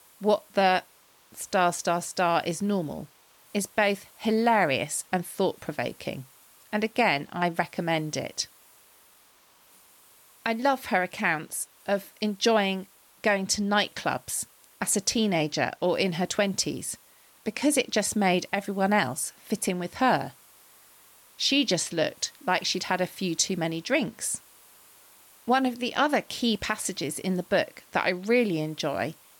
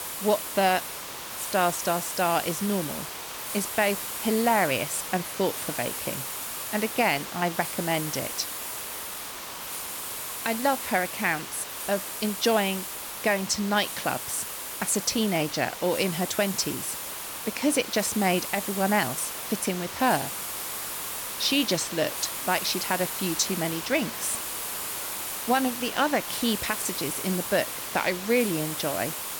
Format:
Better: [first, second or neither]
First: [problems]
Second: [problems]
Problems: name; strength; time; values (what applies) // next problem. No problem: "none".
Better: first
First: hiss; faint; throughout; 25 dB below the speech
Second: hiss; loud; throughout; 5 dB below the speech